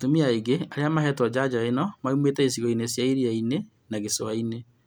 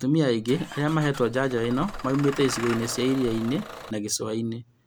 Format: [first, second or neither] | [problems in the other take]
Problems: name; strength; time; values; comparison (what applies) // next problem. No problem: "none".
first | background sound (Engine starting / Bus); 12 dB below the speech